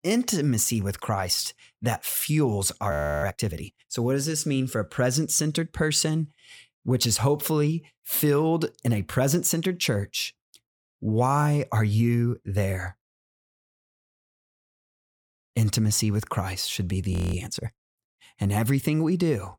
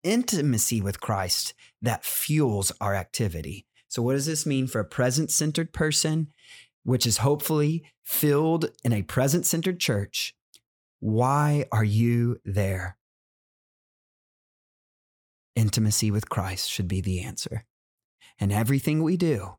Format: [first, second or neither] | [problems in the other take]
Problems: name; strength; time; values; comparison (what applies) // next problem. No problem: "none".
second | audio freezing; at 3 s and at 17 s